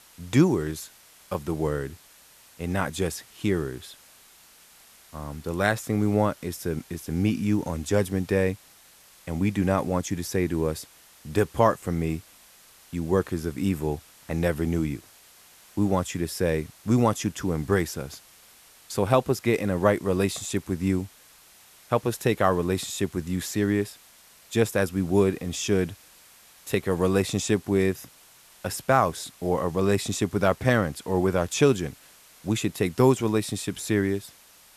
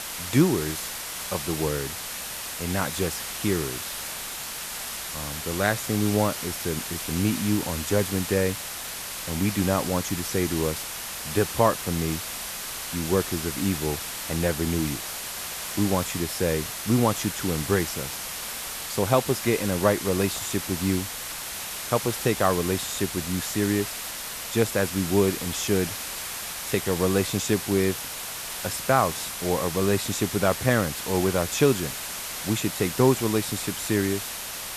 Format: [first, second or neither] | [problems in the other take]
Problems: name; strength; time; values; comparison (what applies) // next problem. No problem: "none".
first | hiss; loud; throughout; 5 dB below the speech; faint in the first